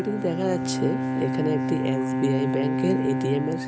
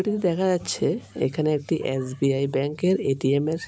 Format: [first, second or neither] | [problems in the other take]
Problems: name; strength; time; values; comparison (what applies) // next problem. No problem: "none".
second | background sound (Bowed string instrument); 1 dB above the speech